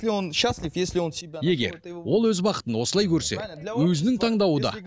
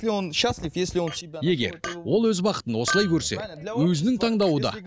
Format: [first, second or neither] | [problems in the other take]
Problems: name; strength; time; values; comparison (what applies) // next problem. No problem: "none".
first | background sound (Chink, clink); 14 dB below the speech